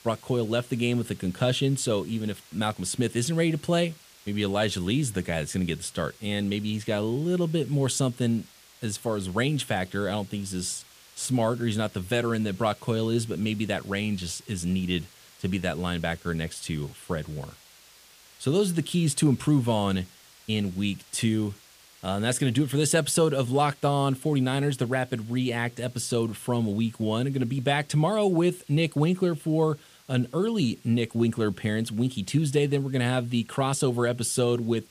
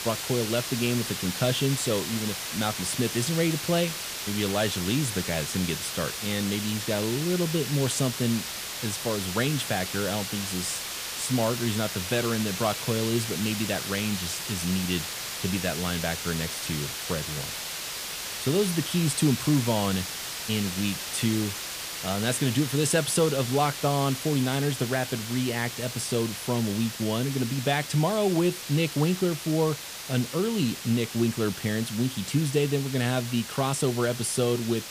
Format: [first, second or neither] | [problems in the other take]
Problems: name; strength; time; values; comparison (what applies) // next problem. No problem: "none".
first | hiss; loud; throughout; 5 dB below the speech; faint in the first